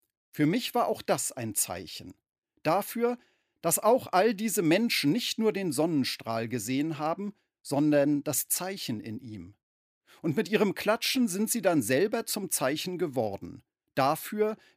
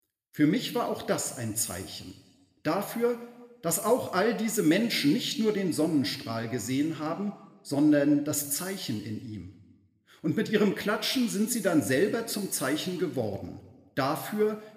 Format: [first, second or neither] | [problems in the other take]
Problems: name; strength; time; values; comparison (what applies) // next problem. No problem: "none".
first | room echo; slight; dies away in 1 s